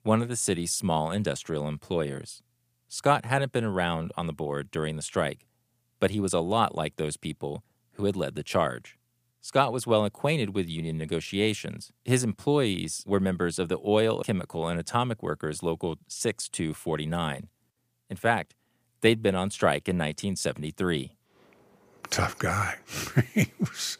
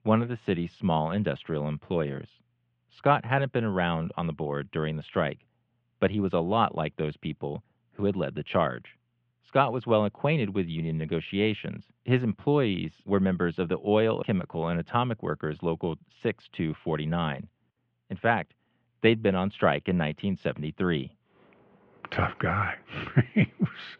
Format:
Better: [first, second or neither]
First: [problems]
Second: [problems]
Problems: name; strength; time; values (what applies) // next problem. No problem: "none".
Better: first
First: none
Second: muffled; very; fading above 3 kHz